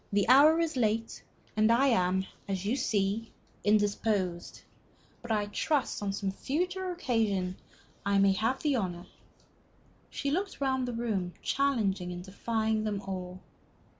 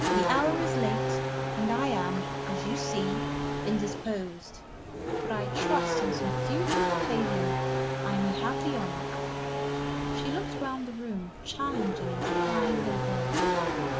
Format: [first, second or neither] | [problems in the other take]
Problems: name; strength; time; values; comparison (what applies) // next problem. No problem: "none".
first | background sound (Race car, auto racing / Accelerating, revving, vroom); 4 dB above the speech